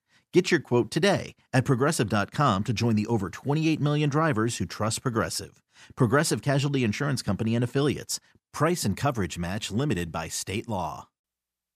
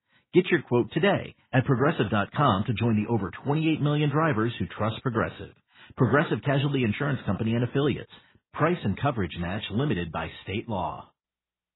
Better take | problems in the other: first | garbled, watery; badly; nothing above 4 kHz

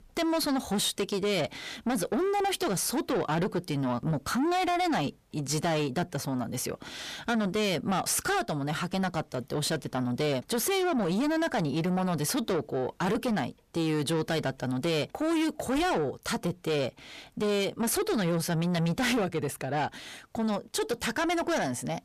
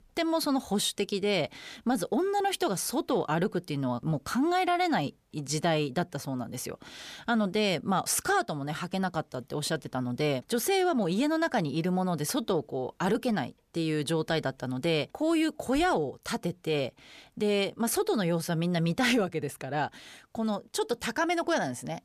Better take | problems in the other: second | distortion; slight; 10 dB below the speech

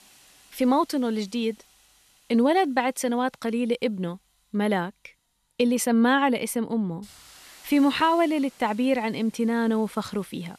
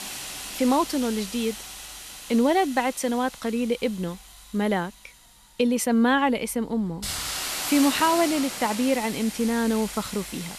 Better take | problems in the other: first | hiss; loud; throughout; 8 dB below the speech; faint in the first

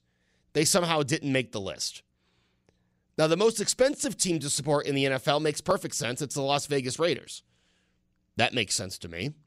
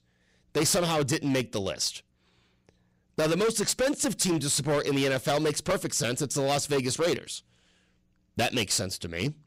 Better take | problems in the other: first | distortion; heavy; 12% of the sound clipped

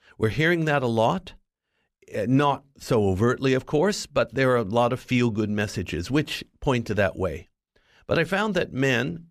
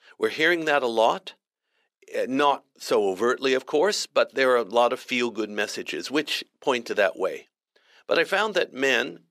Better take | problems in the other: first | thin; somewhat; fading below 350 Hz

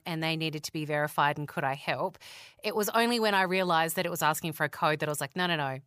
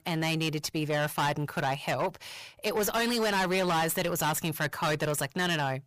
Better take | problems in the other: first | distortion; heavy; 21% of the sound clipped

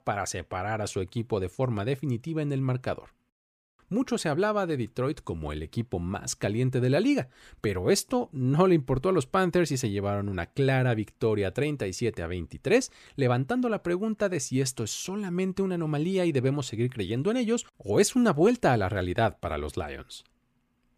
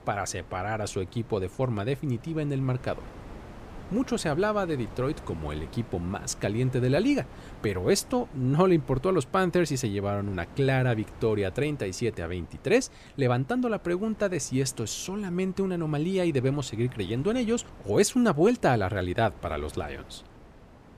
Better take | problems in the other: first | wind noise on the microphone; occasional gusts; 20 dB below the speech

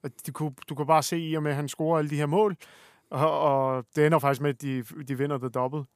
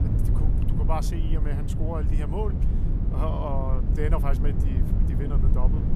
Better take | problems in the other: first | low rumble; loud; throughout; 5 dB below the speech

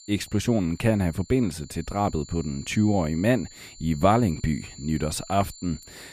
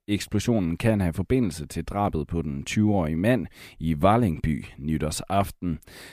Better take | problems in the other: second | high-pitched whine; noticeable; throughout; 7 kHz, 20 dB below the speech

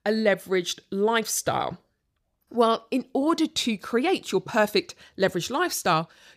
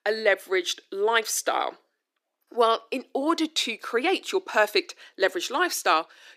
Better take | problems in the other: first | thin; somewhat; fading below 300 Hz

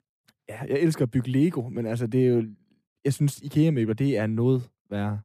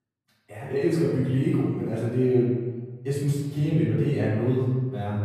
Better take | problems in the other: first | off-mic speech; far // room echo; strong; dies away in 1.4 s

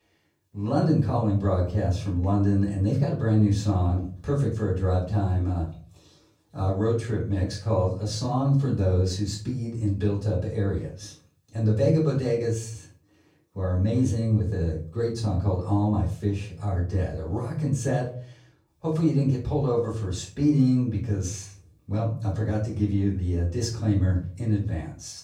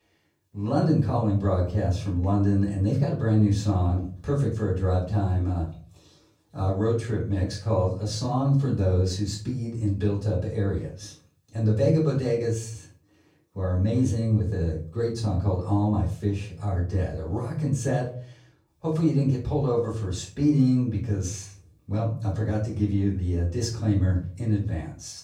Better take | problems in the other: neither | off-mic speech; far; the same in both // room echo; slight; dies away in 0.4 s; the same in both

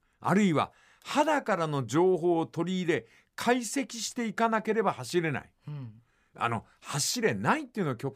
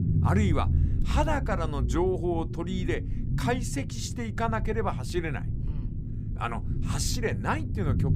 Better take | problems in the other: first | low rumble; noticeable; throughout; 10 dB below the speech

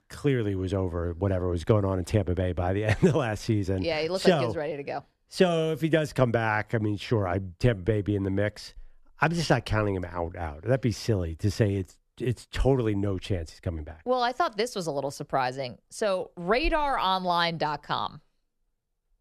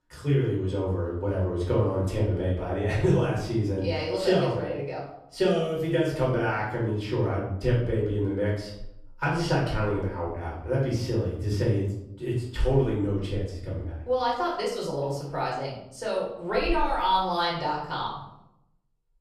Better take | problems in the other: first | room echo; noticeable; dies away in 0.7 s // off-mic speech; far

